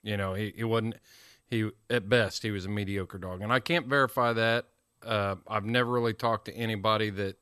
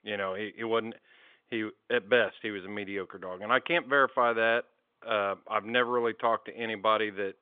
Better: first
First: none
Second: phone-call audio; nothing above 3.5 kHz

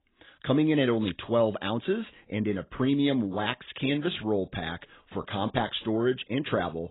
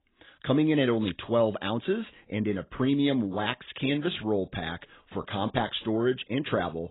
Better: neither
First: garbled, watery; badly; nothing above 4 kHz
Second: garbled, watery; badly; nothing above 4 kHz

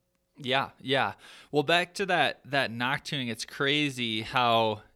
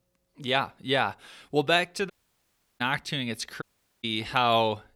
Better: first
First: none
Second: audio cutting out; at 2 s for 0.5 s and at 3.5 s

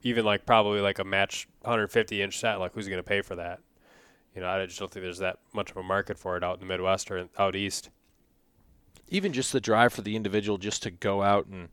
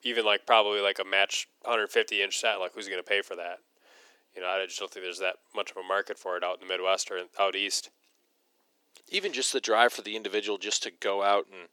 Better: first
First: none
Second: thin; somewhat; fading below 350 Hz

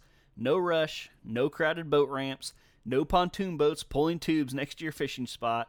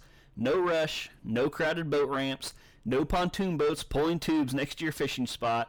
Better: first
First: none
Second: distortion; heavy; 7 dB below the speech

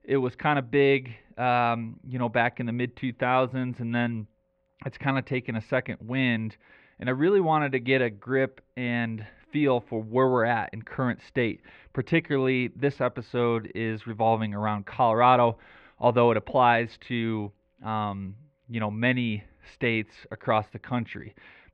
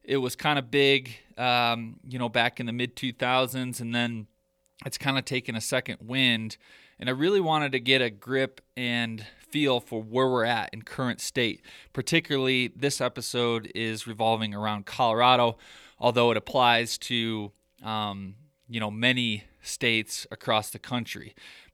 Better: second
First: muffled; very; fading above 2 kHz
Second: none

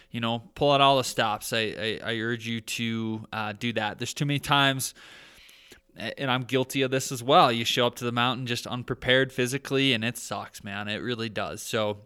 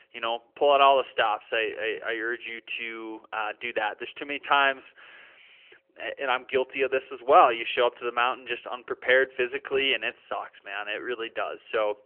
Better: first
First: none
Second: phone-call audio; nothing above 3 kHz

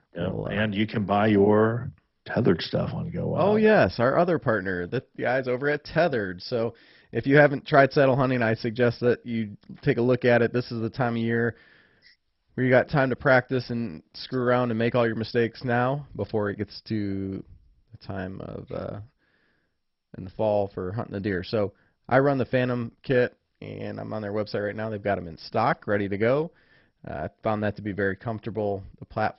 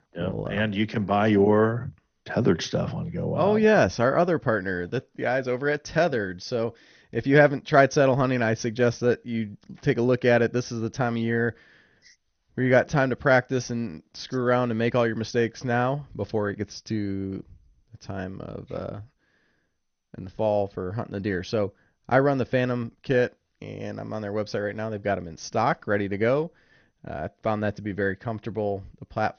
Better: second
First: garbled, watery; badly; nothing above 5.5 kHz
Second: garbled, watery; slightly; nothing above 6.5 kHz

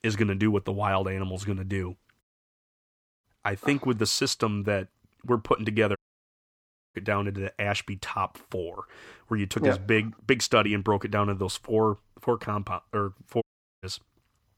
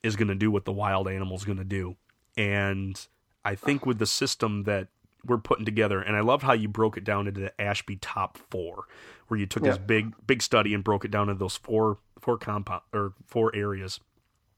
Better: second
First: audio cutting out; at 2 s for 1 s, at 6 s for 1 s and at 13 s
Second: none

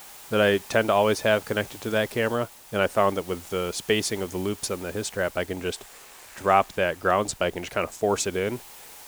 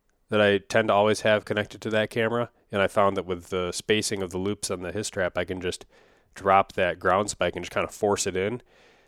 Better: second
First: hiss; noticeable; throughout; 20 dB below the speech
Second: none

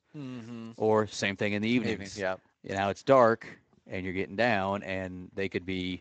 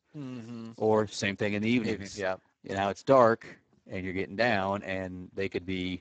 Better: first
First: garbled, watery; slightly; nothing above 7.5 kHz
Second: garbled, watery; badly; nothing above 8 kHz

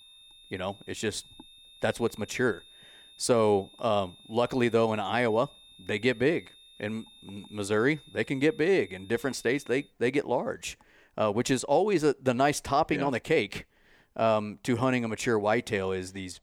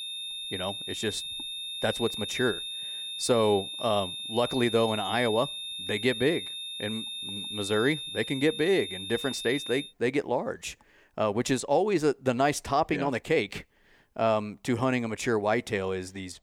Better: first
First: high-pitched whine; faint; until 10 s; 3.5 kHz, 25 dB below the speech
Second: high-pitched whine; loud; until 10 s; 3.5 kHz, 6 dB below the speech

